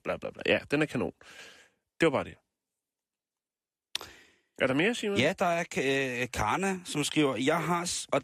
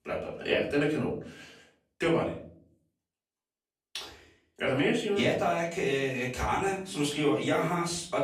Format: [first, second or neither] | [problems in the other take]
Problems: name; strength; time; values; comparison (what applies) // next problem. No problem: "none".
first | off-mic speech; far // room echo; slight; dies away in 0.5 s